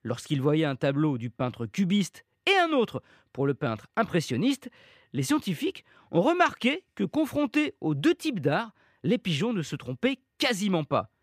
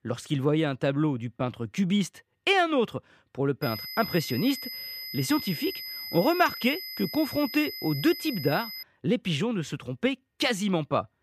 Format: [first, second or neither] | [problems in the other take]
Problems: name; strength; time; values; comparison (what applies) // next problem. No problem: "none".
first | high-pitched whine; loud; from 3.5 to 9 s; 5 kHz, 8 dB below the speech